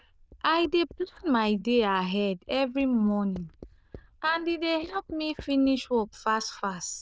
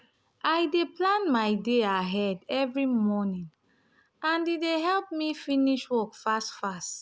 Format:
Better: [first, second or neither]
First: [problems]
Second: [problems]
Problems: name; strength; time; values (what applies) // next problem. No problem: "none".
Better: second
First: noise reduction (neural diffusion model UNIVERSE++)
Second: none